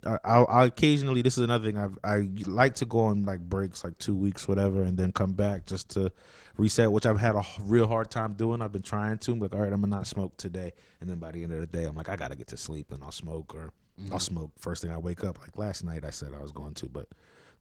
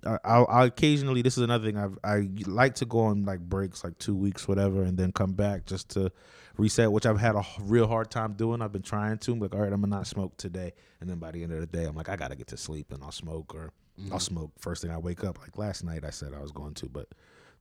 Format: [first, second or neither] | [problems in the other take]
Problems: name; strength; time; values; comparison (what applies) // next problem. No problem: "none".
second | garbled, watery; slightly